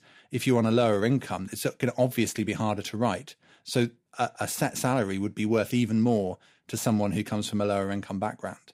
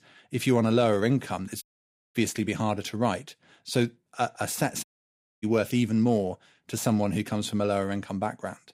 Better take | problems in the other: first | audio cutting out; at 1.5 s for 0.5 s and at 5 s for 0.5 s

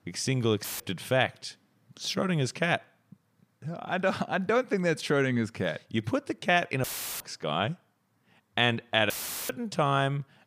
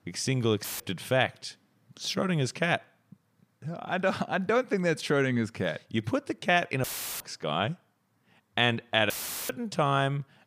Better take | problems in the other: neither | audio cutting out; filled with static; at 0.5 s, at 7 s and at 9 s; the same in both

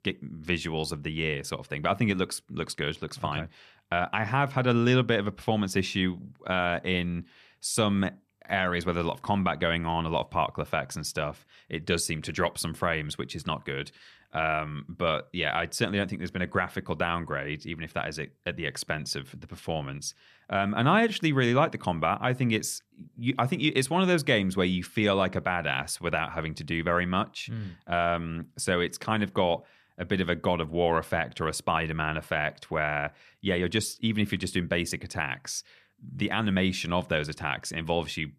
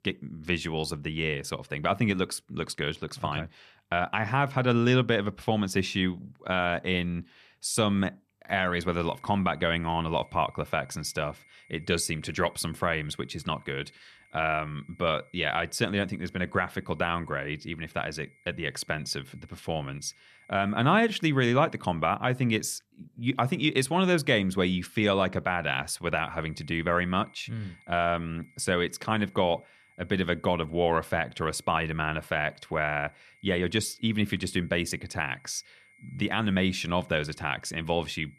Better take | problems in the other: first | high-pitched whine; faint; from 8.5 to 22 s and from 26 s on; 2 kHz, 30 dB below the speech

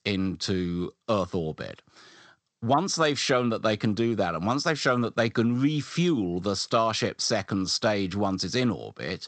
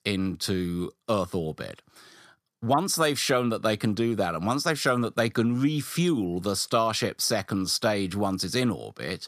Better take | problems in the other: second | garbled, watery; slightly; nothing above 8 kHz

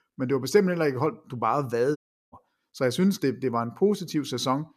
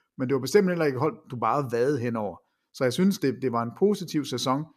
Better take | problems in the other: second | audio cutting out; at 2 s

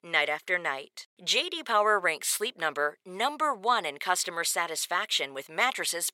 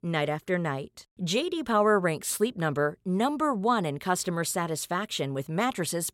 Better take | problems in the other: second | thin; very; fading below 650 Hz

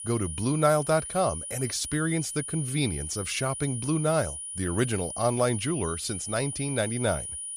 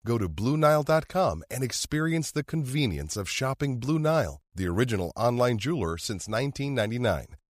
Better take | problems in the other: second | high-pitched whine; loud; throughout; 9.5 kHz, 6 dB below the speech

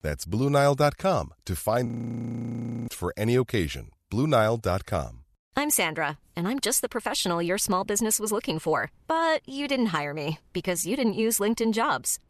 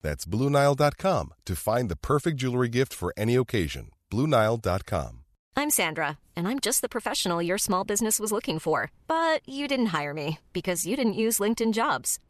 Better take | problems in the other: second | audio freezing; at 2 s for 1 s

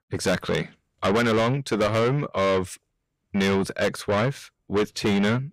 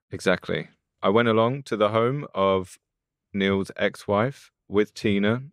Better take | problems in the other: second | distortion; heavy; 5 dB below the speech

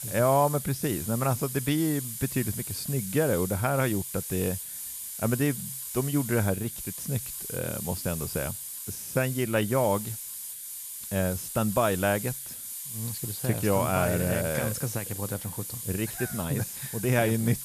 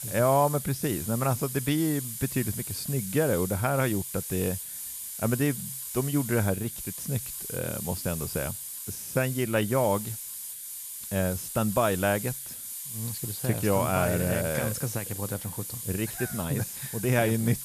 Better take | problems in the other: neither | hiss; loud; throughout; 6 dB below the speech; the same in both

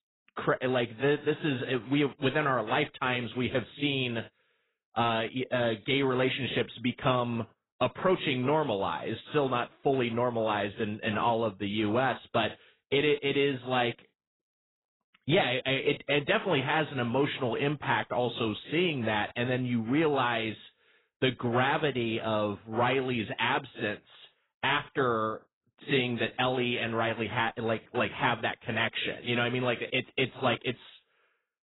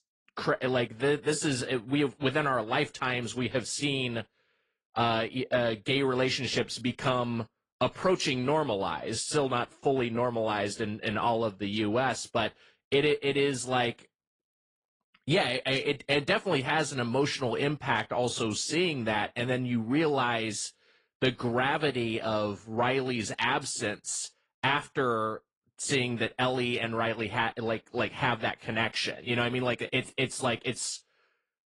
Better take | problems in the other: second | garbled, watery; badly; nothing above 4 kHz; slightly in the second

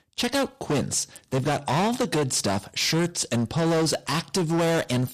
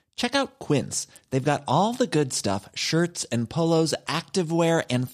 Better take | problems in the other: second | distortion; heavy; 20% of the sound clipped

